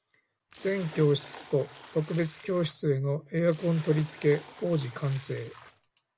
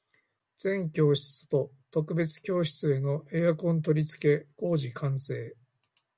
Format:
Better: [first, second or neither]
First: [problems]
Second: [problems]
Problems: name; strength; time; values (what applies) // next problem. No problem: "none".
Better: second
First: background sound (Splash, splatter); 19 dB below the speech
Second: none